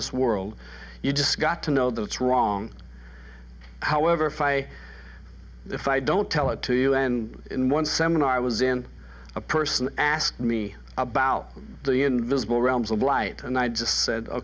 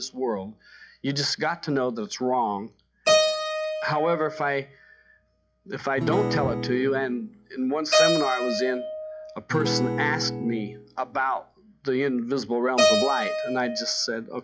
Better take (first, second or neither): first